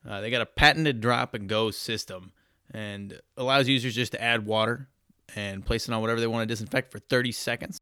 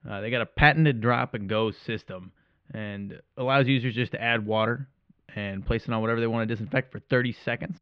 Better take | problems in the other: first | muffled; very; fading above 3 kHz

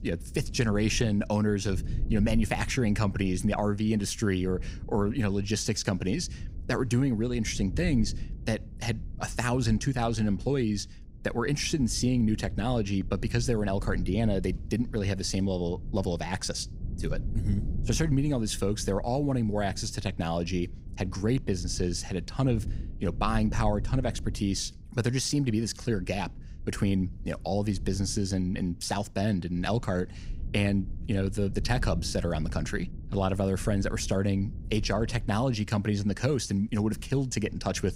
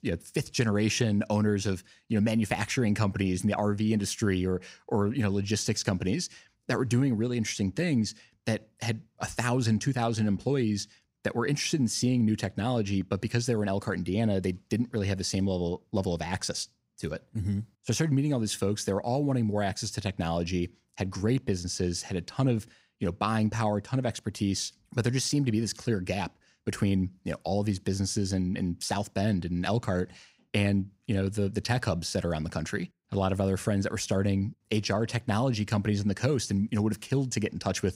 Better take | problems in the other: second | low rumble; faint; throughout; 20 dB below the speech

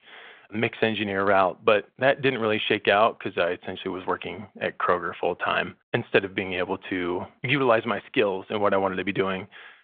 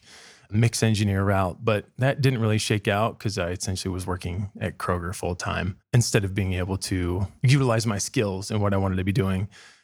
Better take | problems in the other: second | phone-call audio

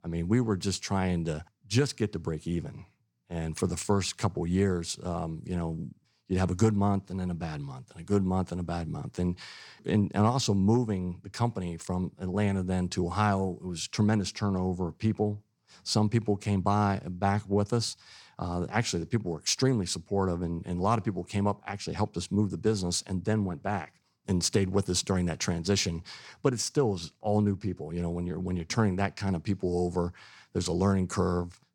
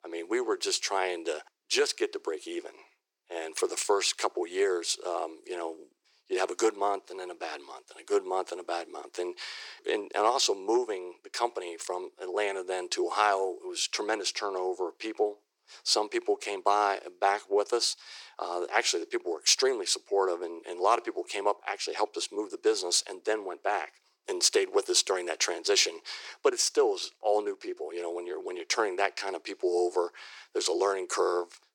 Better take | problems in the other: first | thin; very; fading below 350 Hz

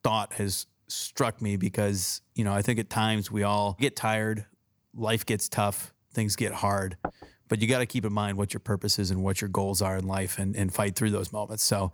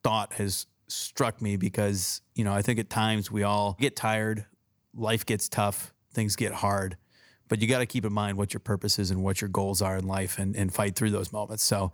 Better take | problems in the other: second | door banging; faint; at 7 s; peak 10 dB below the speech

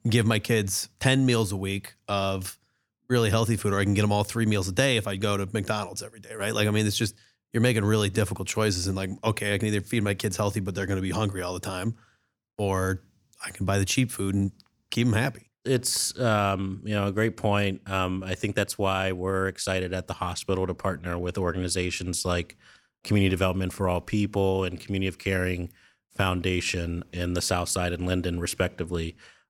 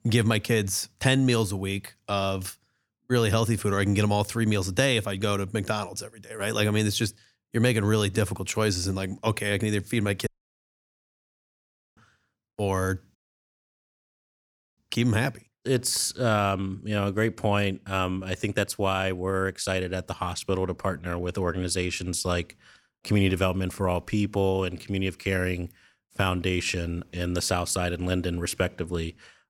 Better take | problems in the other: first | audio cutting out; at 10 s for 1.5 s and at 13 s for 1.5 s

